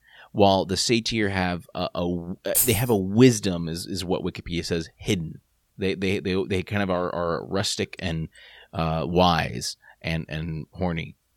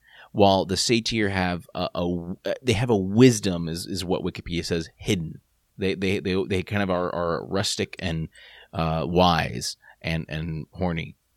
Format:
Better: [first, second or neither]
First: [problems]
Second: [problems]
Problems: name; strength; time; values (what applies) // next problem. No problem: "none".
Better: second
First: jangling keys; loud; at 2.5 s; peak 3 dB above the speech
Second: none